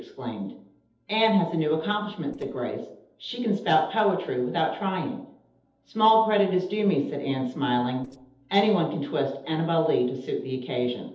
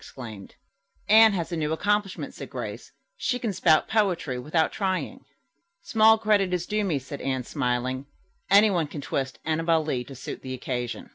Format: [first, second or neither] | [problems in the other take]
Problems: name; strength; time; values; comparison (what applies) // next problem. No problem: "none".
second | noise reduction (neural separator model SepFormer DNS4)